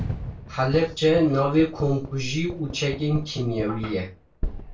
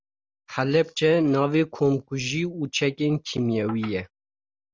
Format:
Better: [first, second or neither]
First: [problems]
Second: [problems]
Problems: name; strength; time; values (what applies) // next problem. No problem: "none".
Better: second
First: background sound (Fireworks); 10 dB below the speech // room echo; dies away in 0.2 s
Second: none